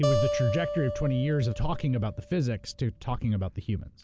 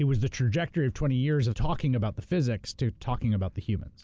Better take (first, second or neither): second